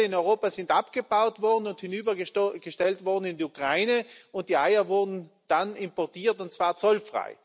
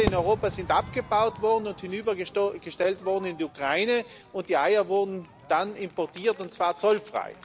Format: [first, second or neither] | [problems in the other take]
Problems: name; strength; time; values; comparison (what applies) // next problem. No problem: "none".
first | background sound (Crowd / Fireworks); 14 dB below the speech